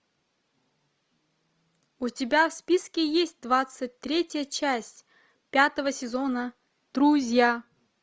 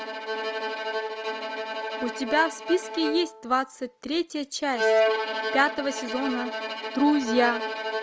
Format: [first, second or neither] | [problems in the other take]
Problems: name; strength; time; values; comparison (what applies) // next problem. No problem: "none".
first | background sound (Bowed string instrument); 2 dB below the speech